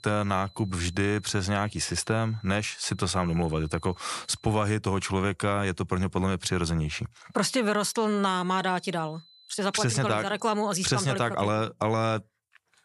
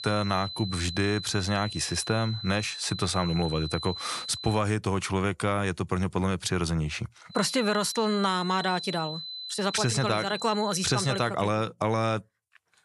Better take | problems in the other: first | high-pitched whine; loud; until 4.5 s and from 7.5 to 11 s; 4 kHz, 8 dB below the speech; faint in the first

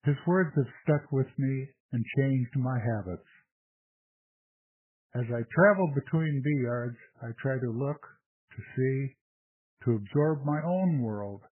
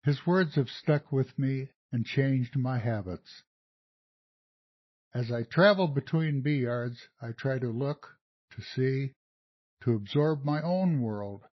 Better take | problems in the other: second | garbled, watery; badly; nothing above 3 kHz; slightly in the second

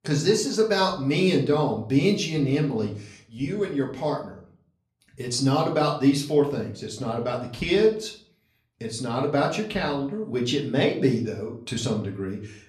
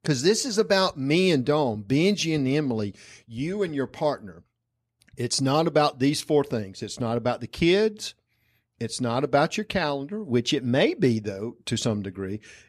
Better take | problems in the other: second | room echo; slight; dies away in 0.4 s // off-mic speech; far

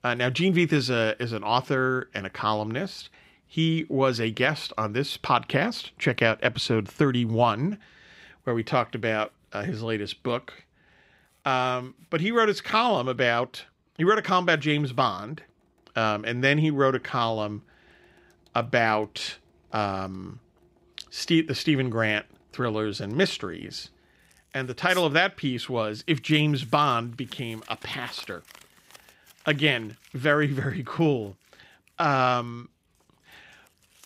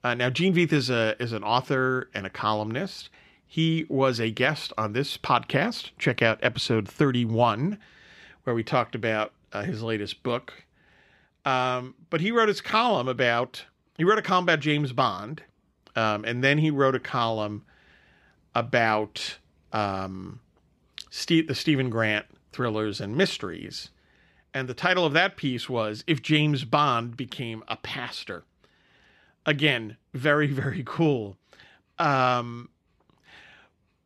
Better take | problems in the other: second | household noises; faint; throughout; 30 dB below the speech

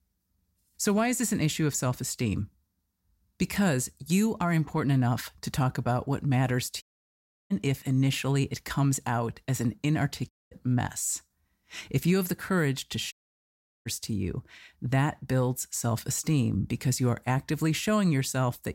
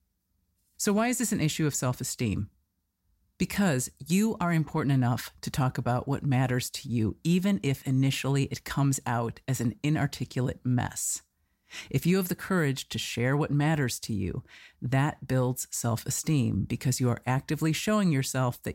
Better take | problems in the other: second | audio cutting out; at 7 s for 0.5 s, at 10 s and at 13 s for 0.5 s

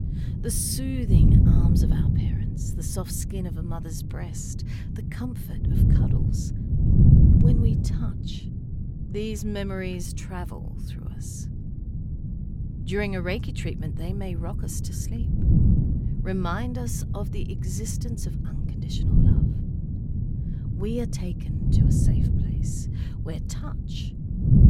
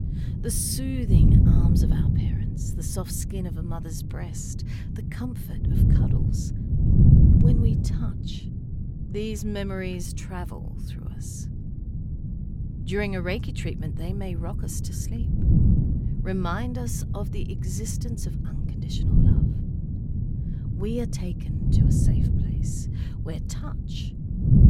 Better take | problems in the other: neither | wind noise on the microphone; heavy; as loud as the speech; the same in both

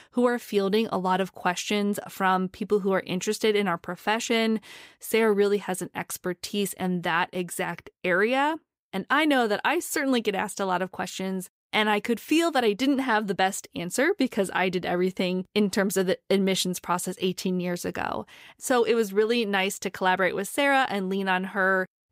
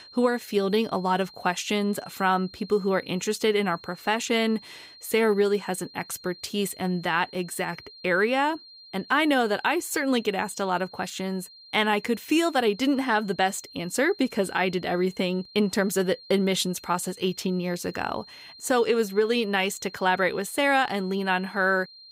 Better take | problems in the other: first | high-pitched whine; faint; throughout; 4 kHz, 20 dB below the speech

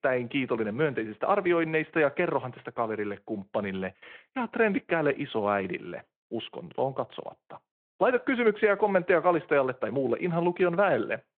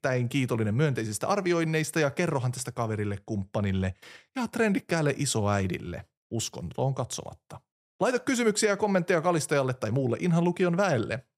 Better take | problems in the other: second | phone-call audio

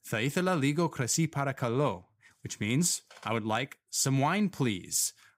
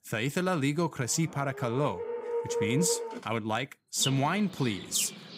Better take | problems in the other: first | animal sounds; loud; throughout; 6 dB below the speech

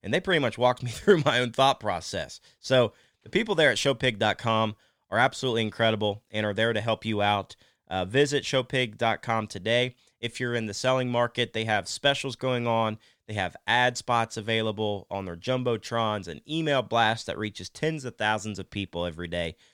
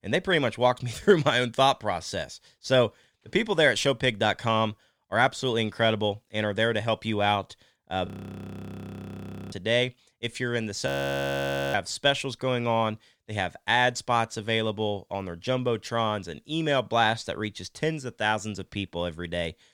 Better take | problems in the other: first | audio freezing; at 8 s for 1.5 s and at 11 s for 1 s

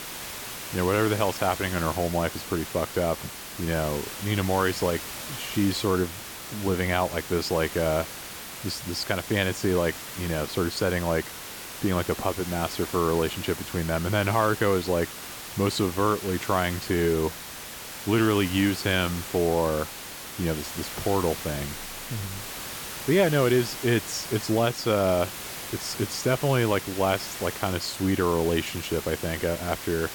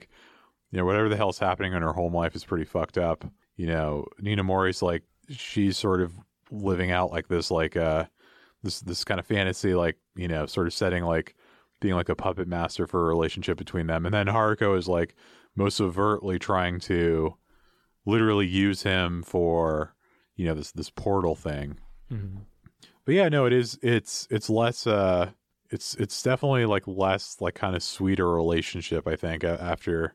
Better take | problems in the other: second | hiss; loud; throughout; 9 dB below the speech

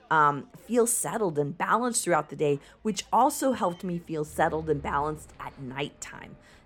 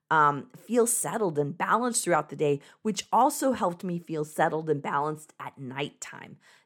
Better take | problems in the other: second | traffic noise; faint; throughout; 25 dB below the speech

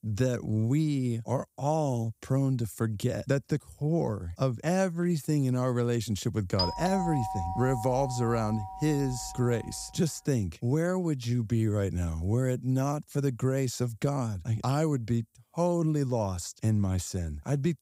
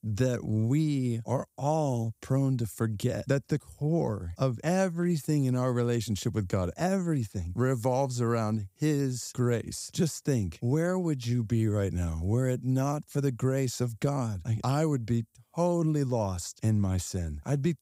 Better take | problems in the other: second | doorbell; noticeable; from 6.5 to 9.5 s; peak 2 dB below the speech

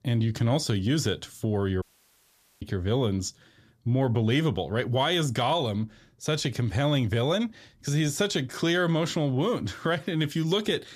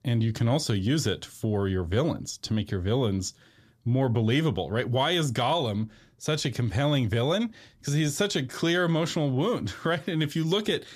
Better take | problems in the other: second | audio cutting out; at 2 s for 1 s

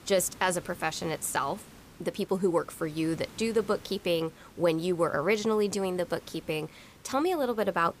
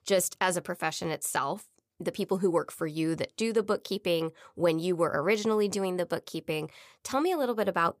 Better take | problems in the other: second | hiss; faint; throughout; 20 dB below the speech

